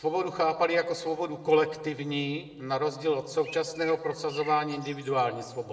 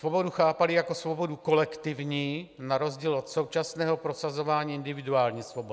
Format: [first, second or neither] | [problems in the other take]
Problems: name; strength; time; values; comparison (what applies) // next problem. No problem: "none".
second | background sound (Bird); 17 dB below the speech // room echo; dies away in 0.9 s